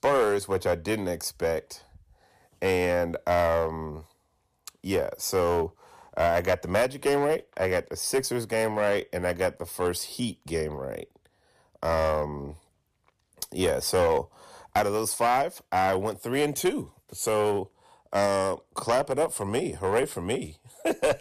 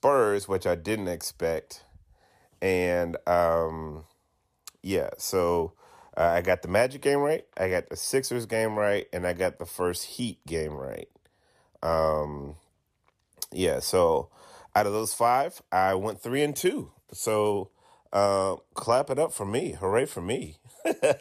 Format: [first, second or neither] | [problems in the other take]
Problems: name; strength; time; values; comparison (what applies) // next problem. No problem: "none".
second | distortion; slight; 5% of the sound clipped